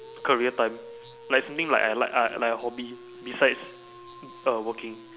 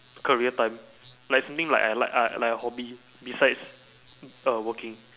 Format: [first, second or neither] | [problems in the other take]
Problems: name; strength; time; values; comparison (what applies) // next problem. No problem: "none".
second | background sound (Dog); 18 dB below the speech